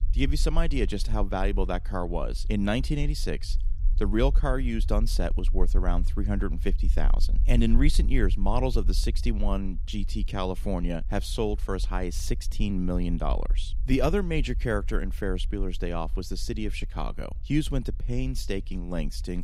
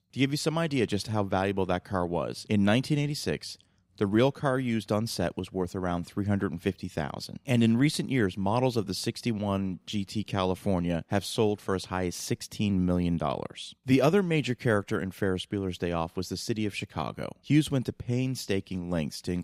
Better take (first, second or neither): second